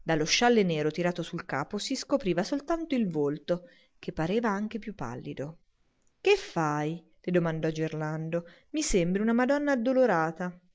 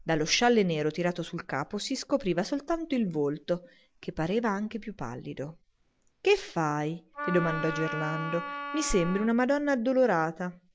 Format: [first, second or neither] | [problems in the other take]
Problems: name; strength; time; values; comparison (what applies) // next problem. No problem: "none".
first | background sound (Wind instrument, woodwind instrument); 7 dB below the speech